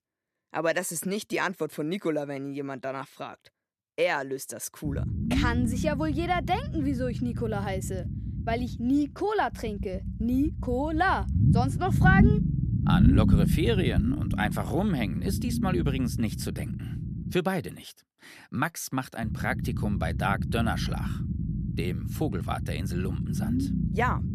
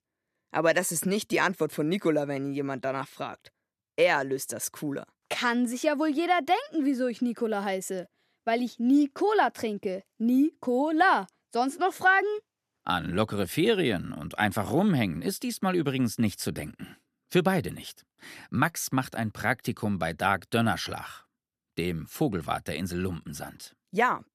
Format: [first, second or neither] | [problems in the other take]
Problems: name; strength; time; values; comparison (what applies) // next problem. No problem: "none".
second | low rumble; loud; from 5 to 17 s and from 19 s on; 7 dB below the speech